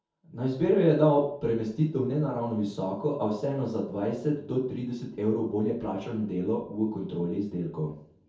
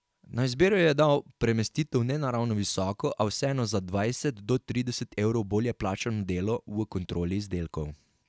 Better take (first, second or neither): second